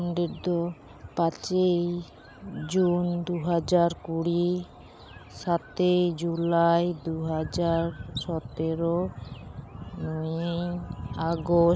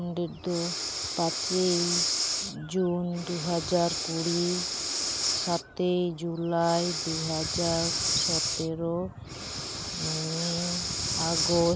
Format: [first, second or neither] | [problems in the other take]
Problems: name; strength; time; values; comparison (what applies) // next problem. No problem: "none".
first | background sound (Breathing); 2 dB below the speech